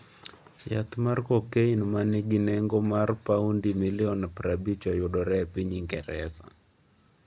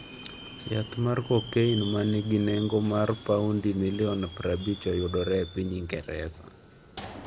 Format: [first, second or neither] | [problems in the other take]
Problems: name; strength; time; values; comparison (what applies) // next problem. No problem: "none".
first | background sound (Subway, metro, underground); 15 dB below the speech